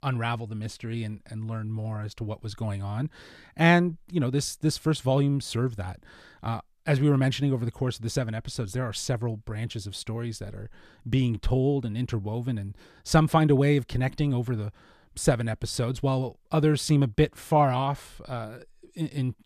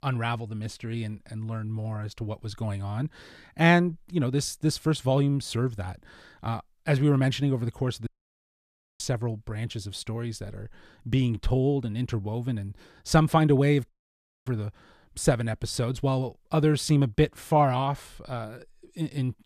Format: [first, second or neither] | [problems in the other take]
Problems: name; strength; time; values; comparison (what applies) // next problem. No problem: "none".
first | audio cutting out; at 8 s for 1 s and at 14 s for 0.5 s